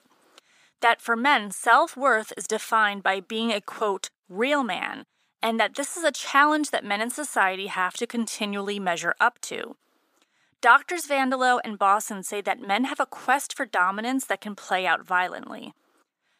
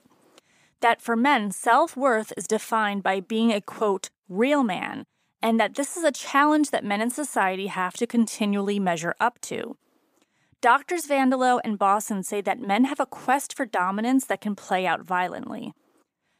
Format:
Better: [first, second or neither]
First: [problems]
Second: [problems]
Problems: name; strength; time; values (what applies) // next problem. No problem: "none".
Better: second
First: thin; very slightly; fading below 400 Hz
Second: none